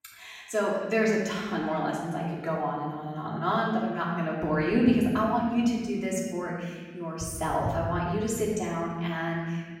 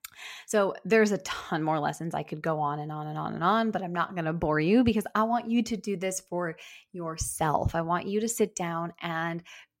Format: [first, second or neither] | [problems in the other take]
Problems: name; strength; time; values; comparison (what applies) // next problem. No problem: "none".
second | off-mic speech; far // room echo; noticeable; dies away in 1.7 s